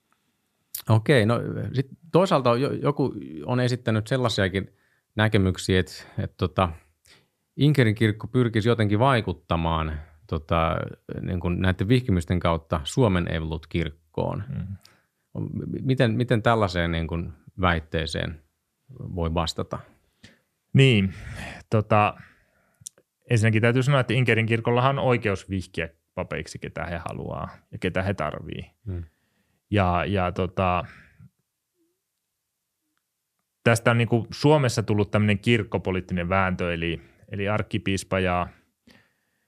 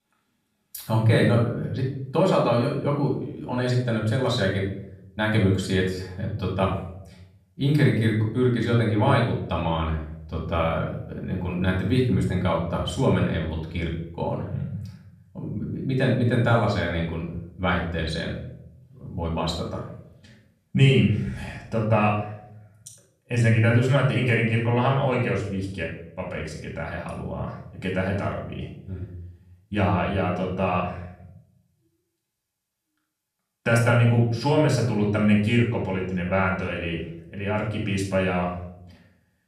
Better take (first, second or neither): first